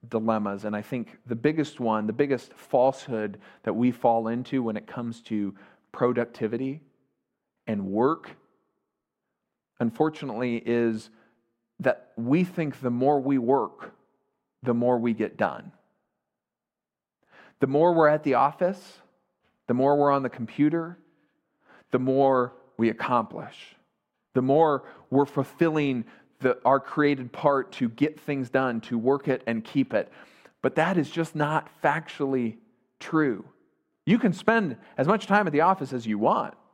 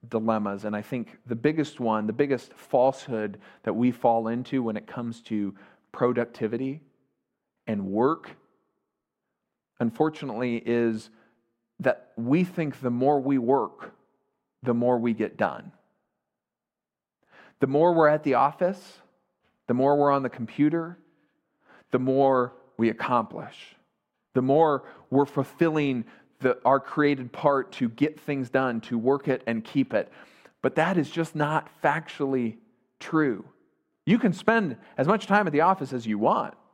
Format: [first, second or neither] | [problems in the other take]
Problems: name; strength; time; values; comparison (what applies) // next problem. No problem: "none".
neither | muffled; slightly; fading above 2.5 kHz; the same in both